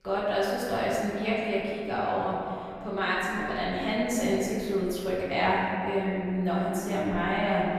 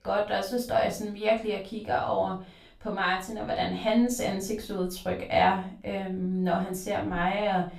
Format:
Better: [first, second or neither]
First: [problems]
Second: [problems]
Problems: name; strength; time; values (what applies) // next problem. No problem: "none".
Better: second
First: room echo; strong; dies away in 2.3 s // off-mic speech; far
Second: room echo; slight; dies away in 0.3 s // off-mic speech; far